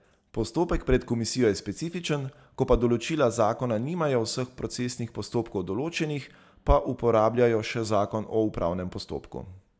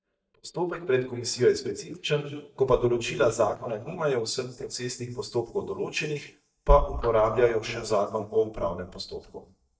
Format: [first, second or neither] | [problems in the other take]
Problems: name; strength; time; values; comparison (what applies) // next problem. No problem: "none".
first | noise reduction (neural mask model DeepFilterNet 3)